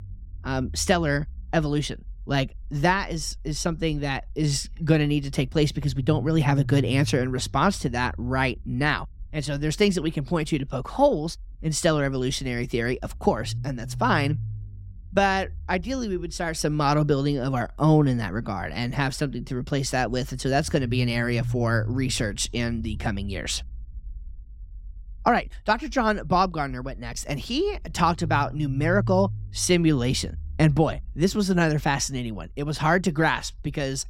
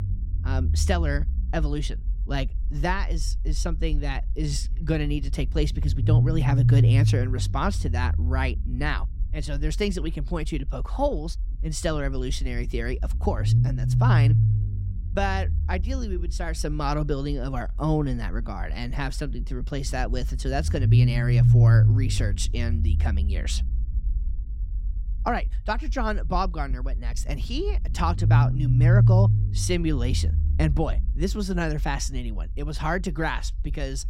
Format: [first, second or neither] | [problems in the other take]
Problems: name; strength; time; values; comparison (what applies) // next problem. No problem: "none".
first | low rumble; loud; throughout; 5 dB below the speech; faint in the first